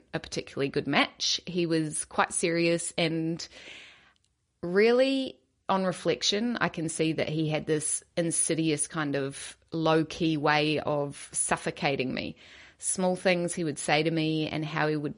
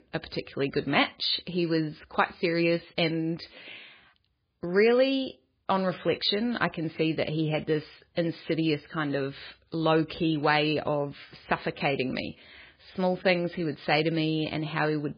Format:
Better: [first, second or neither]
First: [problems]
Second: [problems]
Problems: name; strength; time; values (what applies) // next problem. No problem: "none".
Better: first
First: garbled, watery; slightly; nothing above 10.5 kHz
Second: garbled, watery; badly; nothing above 4.5 kHz